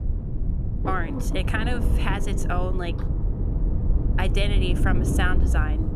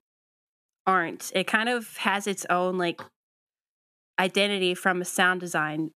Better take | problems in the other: second | low rumble; loud; throughout; 7 dB below the speech

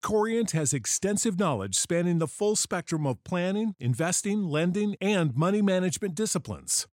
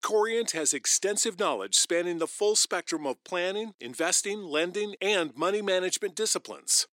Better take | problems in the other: first | thin; very; fading below 350 Hz

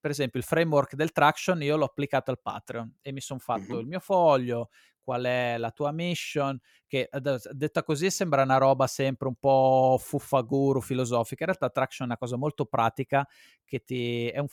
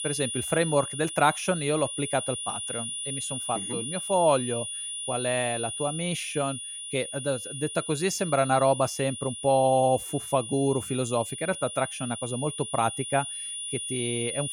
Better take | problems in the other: first | high-pitched whine; loud; throughout; 9.5 kHz, 6 dB below the speech

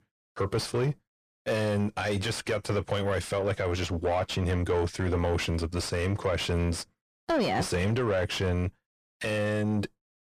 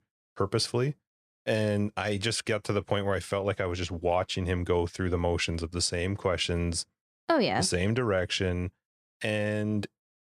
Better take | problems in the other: second | distortion; heavy; 8 dB below the speech

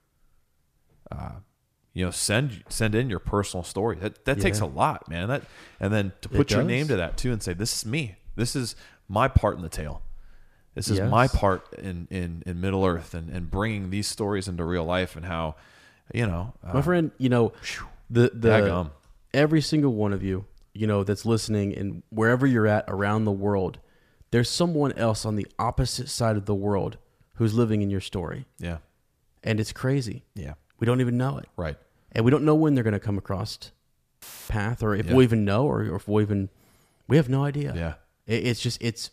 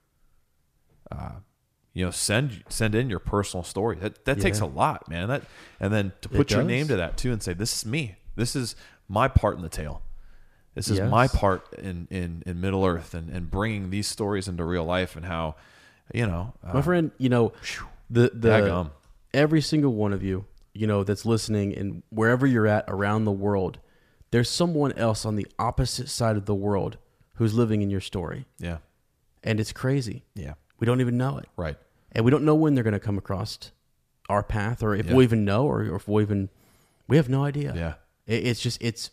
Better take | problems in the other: second | audio cutting out; filled with static; at 34 s

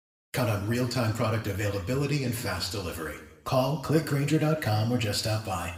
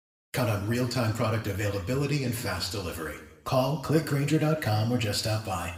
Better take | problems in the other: neither | room echo; slight; dies away in 0.9 s; the same in both // off-mic speech; somewhat distant; the same in both

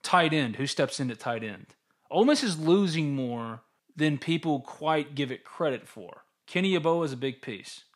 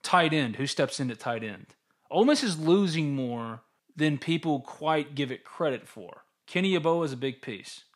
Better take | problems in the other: neither | none

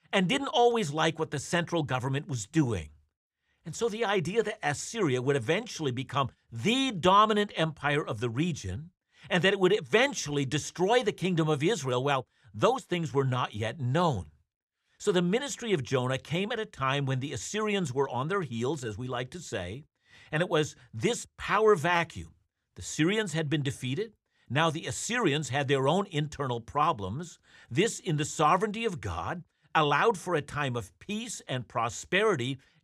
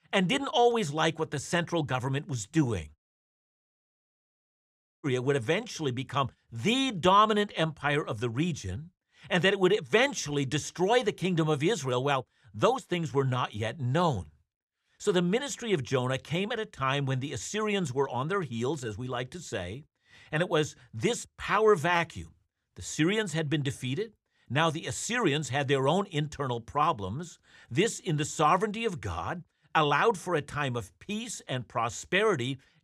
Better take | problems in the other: first | audio cutting out; at 3 s for 2 s

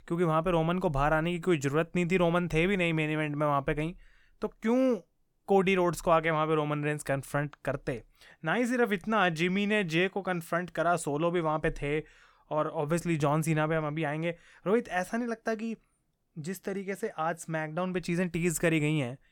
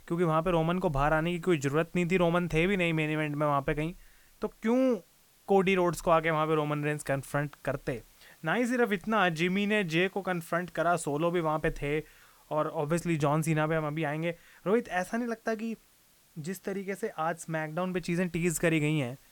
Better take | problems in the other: first | hiss; faint; throughout; 30 dB below the speech

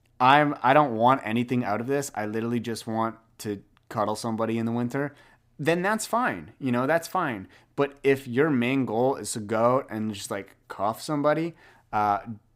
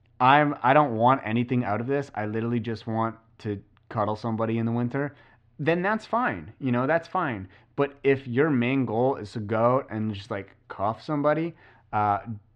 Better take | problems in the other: first | muffled; slightly; fading above 3.5 kHz

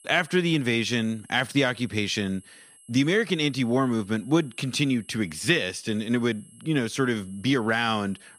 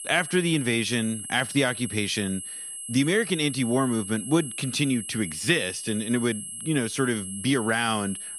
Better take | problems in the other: first | high-pitched whine; loud; throughout; 11 kHz, 8 dB below the speech; faint in the first

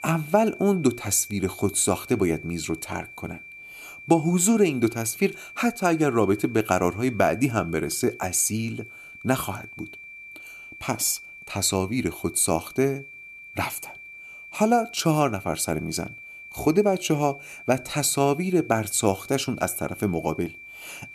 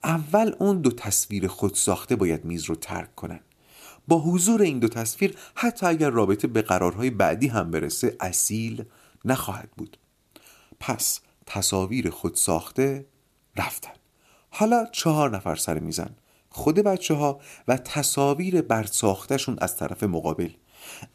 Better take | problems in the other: second | high-pitched whine; noticeable; throughout; 2.5 kHz, 15 dB below the speech

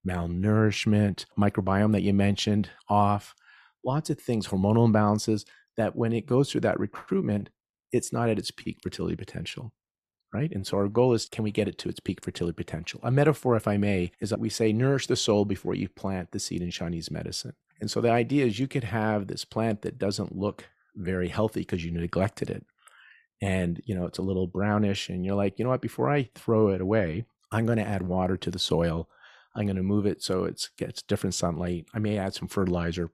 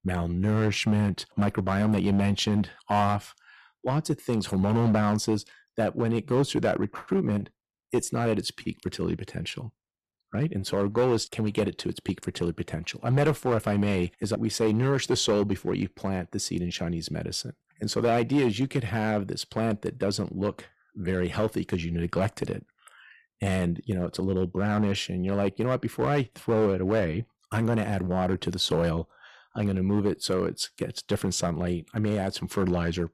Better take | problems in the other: first | distortion; slight; 4% of the sound clipped

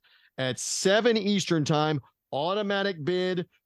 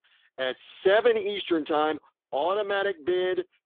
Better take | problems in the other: first | phone-call audio; poor line; nothing above 3.5 kHz

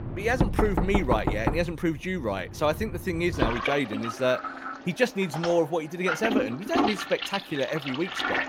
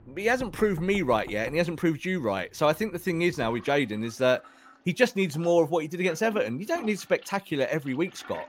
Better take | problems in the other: second | household noises; loud; throughout; 2 dB below the speech; faint in the second

